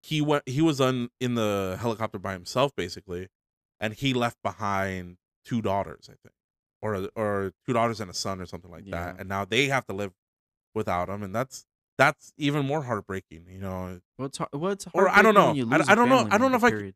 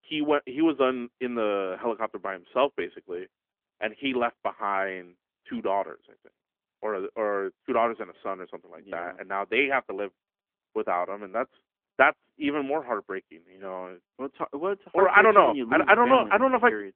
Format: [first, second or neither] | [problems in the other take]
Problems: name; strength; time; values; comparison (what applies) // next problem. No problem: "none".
first | phone-call audio; nothing above 3.5 kHz